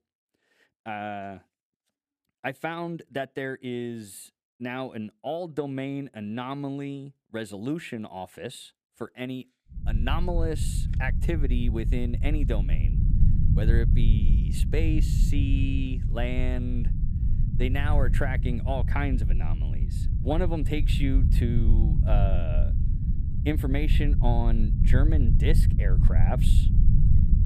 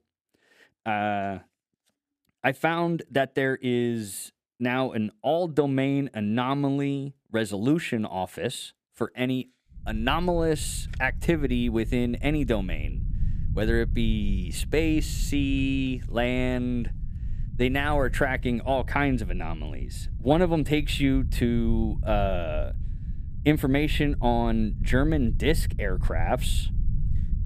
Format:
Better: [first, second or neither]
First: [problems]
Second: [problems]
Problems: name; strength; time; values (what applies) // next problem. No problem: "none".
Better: second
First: low rumble; loud; from 10 s on; 7 dB below the speech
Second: low rumble; faint; from 10 s on; 20 dB below the speech